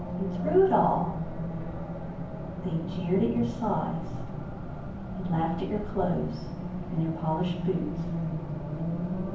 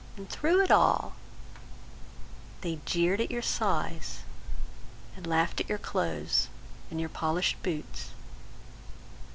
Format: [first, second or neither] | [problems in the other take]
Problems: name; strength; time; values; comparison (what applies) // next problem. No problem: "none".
second | background sound (Race car, auto racing); 4 dB below the speech // room echo; dies away in 0.9 s